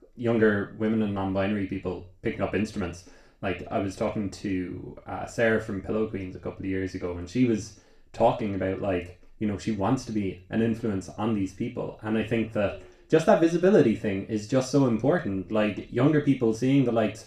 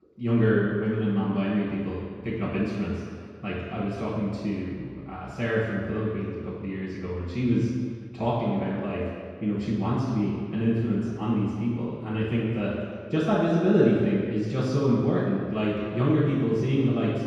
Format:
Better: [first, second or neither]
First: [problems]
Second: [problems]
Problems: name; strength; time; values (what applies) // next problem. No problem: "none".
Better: first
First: room echo; slight; dies away in 0.4 s // off-mic speech; far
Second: room echo; strong; dies away in 2 s // off-mic speech; far